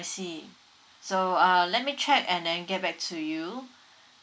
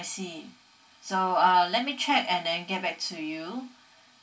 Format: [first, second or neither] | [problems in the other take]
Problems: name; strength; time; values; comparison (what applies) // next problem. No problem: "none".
first | room echo; dies away in 0.2 s